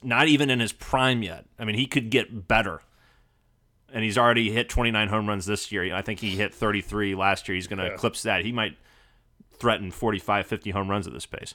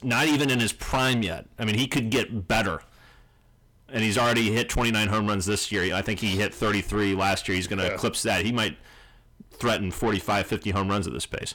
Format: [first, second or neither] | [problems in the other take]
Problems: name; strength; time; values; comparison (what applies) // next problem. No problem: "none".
first | distortion; heavy; 6 dB below the speech